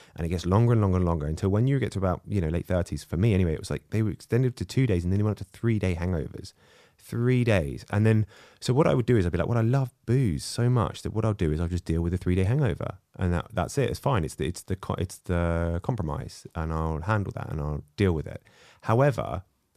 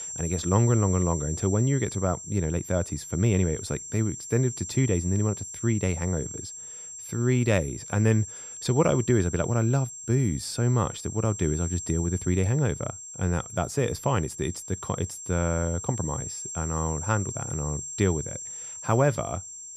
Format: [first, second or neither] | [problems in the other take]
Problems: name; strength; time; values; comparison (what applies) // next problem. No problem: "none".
first | high-pitched whine; loud; throughout; 7.5 kHz, 9 dB below the speech